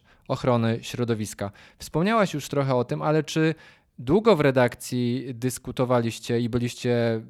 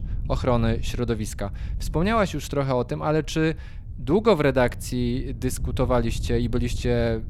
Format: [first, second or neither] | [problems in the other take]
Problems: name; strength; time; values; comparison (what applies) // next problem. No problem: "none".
first | wind noise on the microphone; occasional gusts; 25 dB below the speech